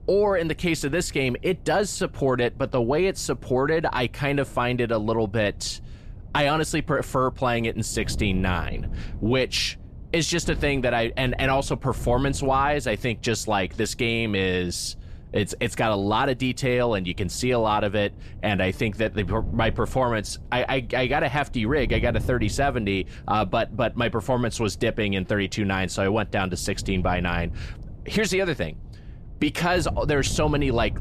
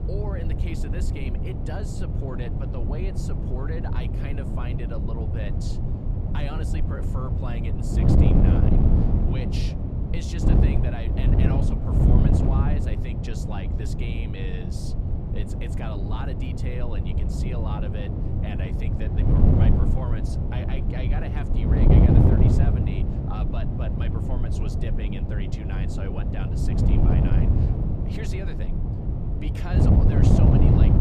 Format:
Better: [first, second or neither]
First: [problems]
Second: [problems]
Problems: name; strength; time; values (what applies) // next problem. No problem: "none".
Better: first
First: wind noise on the microphone; occasional gusts; 25 dB below the speech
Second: wind noise on the microphone; heavy; 5 dB above the speech